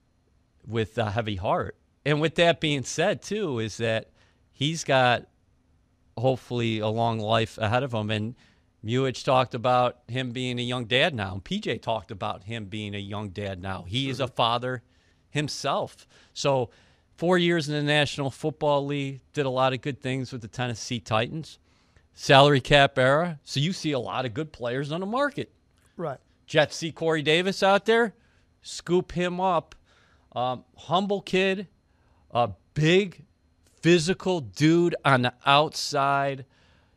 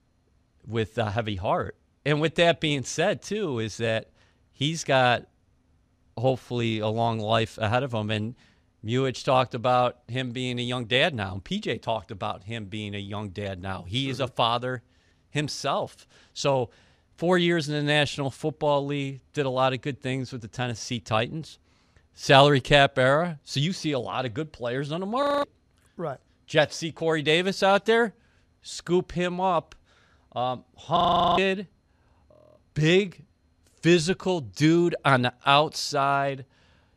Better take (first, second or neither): first